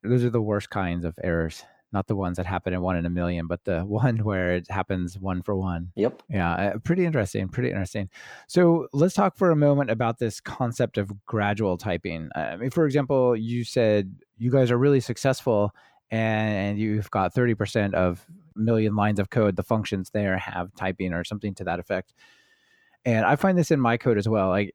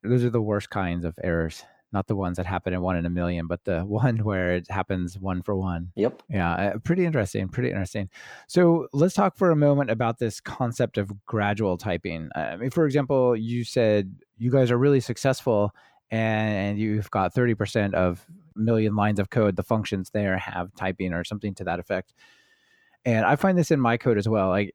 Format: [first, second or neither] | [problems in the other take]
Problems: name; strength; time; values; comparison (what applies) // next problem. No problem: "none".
neither | none